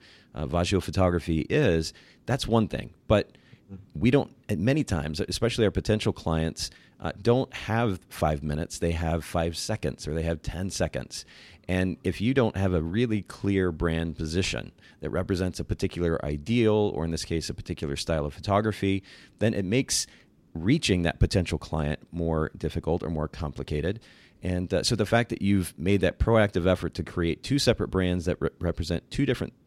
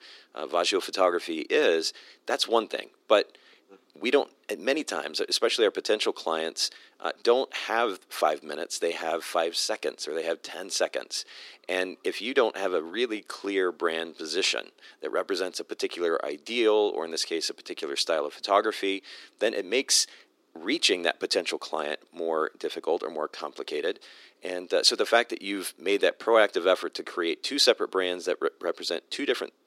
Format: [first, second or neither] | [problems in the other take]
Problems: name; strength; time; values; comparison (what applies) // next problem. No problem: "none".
first | thin; very; fading below 350 Hz